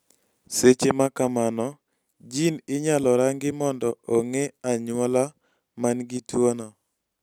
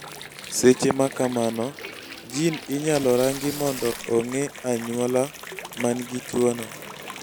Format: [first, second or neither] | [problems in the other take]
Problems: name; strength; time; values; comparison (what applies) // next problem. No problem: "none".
first | background sound (Water + Tearing); 13 dB below the speech